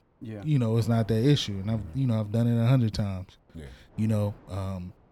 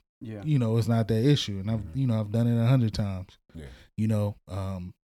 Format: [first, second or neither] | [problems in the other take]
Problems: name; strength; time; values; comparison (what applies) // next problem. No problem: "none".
second | wind noise on the microphone; occasional gusts; 25 dB below the speech